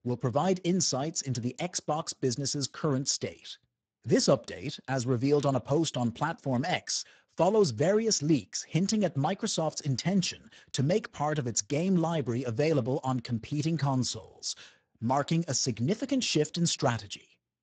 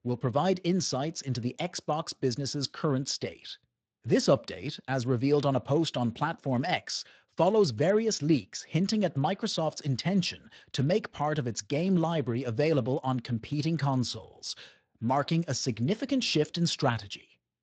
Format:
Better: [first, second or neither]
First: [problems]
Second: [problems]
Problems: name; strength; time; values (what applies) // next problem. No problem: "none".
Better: second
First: garbled, watery; badly; nothing above 7.5 kHz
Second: garbled, watery; slightly